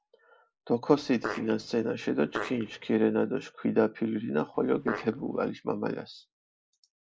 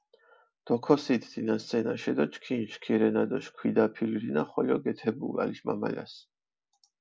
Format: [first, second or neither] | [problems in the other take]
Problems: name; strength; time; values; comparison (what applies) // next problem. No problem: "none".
second | noise reduction (neural mask model Resemble Enhance denoiser)